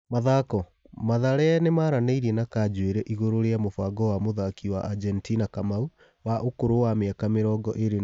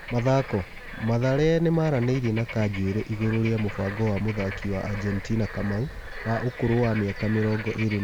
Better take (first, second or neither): first